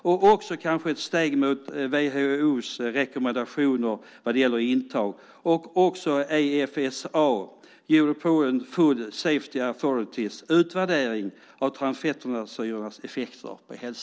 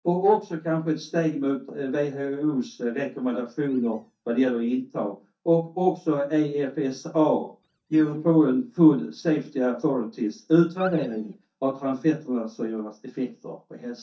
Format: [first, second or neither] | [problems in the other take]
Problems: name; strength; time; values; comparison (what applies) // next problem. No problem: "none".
first | noise reduction (neural mask model DeepFilterNet 3)